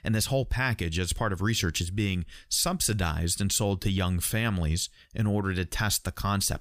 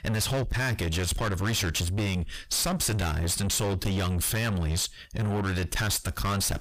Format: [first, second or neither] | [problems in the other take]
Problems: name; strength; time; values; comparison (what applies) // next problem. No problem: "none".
first | distortion; heavy; 6 dB below the speech